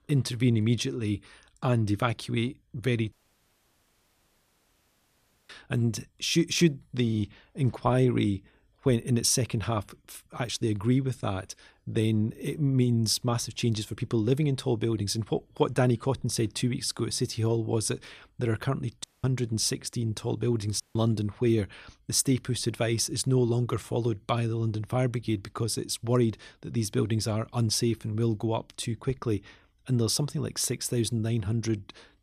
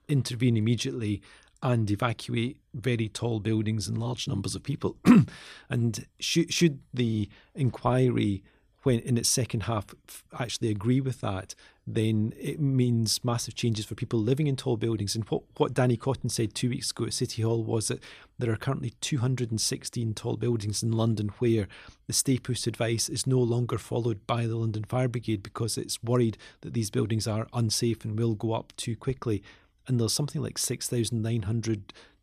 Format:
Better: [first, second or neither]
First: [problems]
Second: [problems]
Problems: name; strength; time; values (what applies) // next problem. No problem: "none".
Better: second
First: audio cutting out; at 3 s for 2.5 s, at 19 s and at 21 s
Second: none